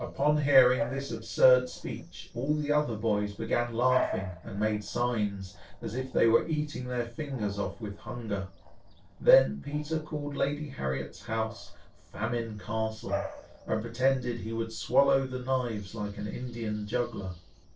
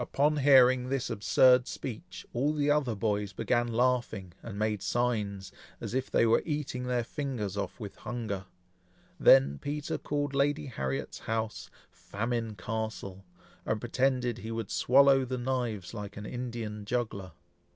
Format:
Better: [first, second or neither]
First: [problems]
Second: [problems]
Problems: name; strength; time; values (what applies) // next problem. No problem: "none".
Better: second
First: noise reduction (neural separator model SepFormer DNS4)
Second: none